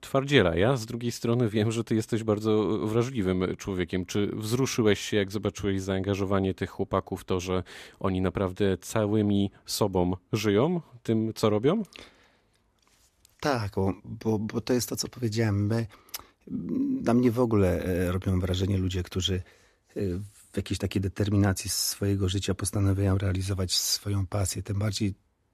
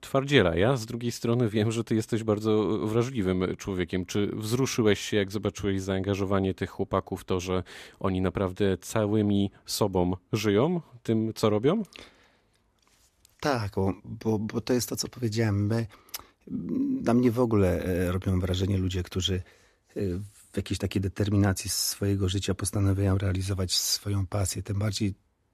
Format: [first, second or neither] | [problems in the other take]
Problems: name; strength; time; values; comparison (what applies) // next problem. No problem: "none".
neither | none